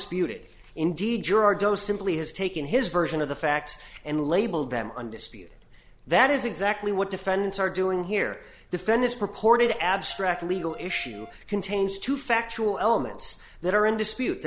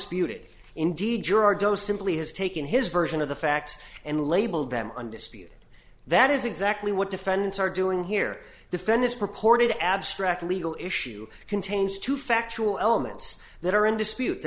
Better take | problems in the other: second | background sound (Wind instrument, woodwind instrument); 20 dB below the speech

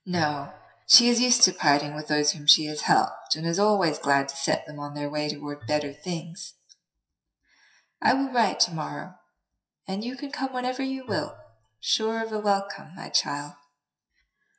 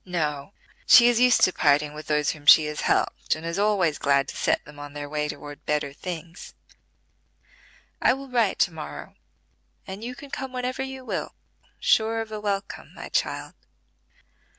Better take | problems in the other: second | noise reduction (classical method WPE with log-MMSE)

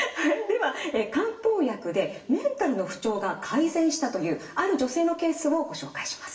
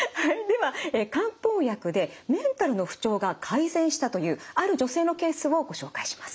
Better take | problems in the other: second | room echo; dies away in 0.7 s

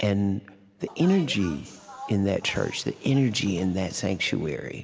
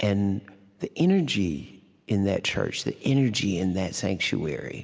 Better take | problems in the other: second | background sound (Bus); 19 dB below the speech

